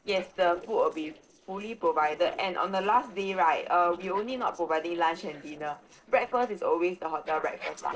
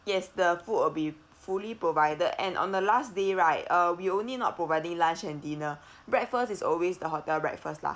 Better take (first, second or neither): second